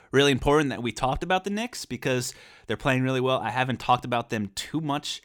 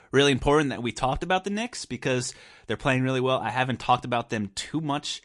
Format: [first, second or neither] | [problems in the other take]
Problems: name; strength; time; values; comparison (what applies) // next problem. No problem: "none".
first | garbled, watery; slightly